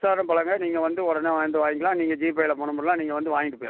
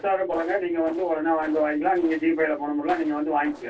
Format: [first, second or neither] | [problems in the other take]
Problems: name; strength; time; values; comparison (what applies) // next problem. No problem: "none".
first | noise reduction (neural separator model SepFormer DNS4)